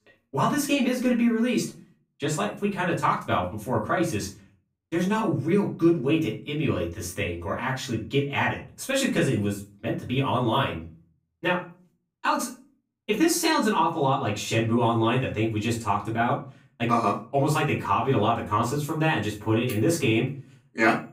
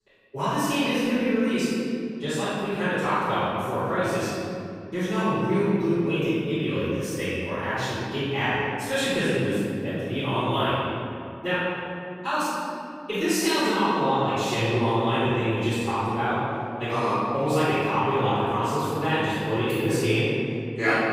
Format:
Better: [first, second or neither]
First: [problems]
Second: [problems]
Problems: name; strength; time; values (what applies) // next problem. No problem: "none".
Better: first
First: room echo; slight; dies away in 0.3 s // off-mic speech; far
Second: room echo; strong; dies away in 2.5 s // off-mic speech; far